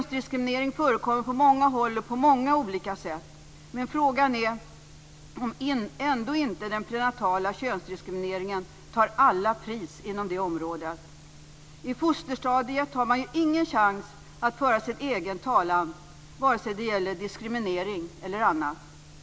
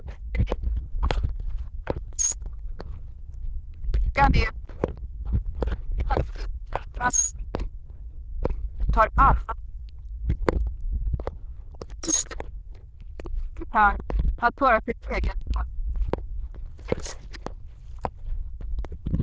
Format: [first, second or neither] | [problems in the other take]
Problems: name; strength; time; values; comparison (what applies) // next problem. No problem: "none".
first | noise reduction (neural diffusion model UNIVERSE++)